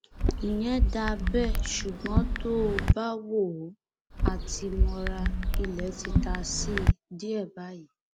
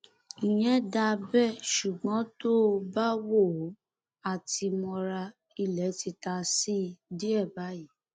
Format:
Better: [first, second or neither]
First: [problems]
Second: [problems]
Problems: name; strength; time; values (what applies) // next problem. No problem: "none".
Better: second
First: background sound (Chatter / Chirp, tweet / Car passing by / Typing); 4 dB above the speech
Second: none